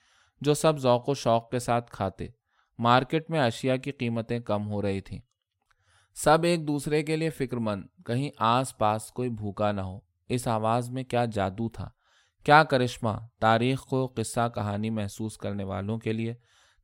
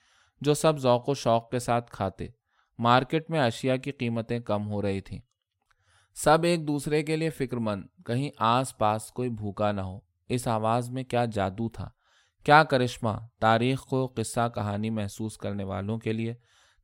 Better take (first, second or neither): neither